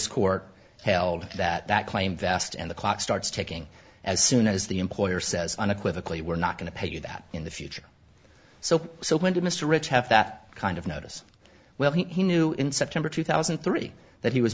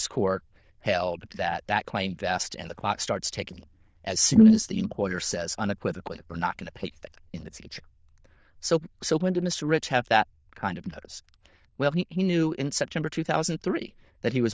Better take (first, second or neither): first